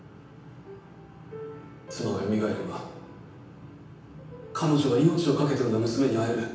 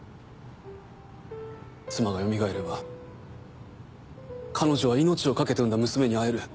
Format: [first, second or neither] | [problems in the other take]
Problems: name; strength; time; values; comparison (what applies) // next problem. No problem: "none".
second | room echo; dies away in 0.9 s